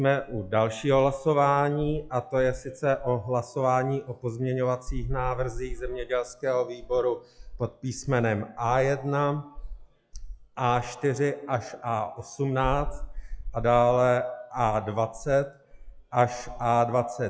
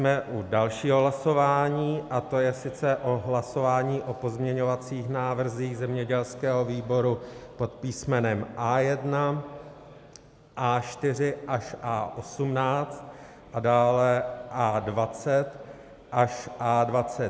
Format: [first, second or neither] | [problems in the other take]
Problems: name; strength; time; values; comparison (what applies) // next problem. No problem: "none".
second | noise reduction (classical method log-MMSE)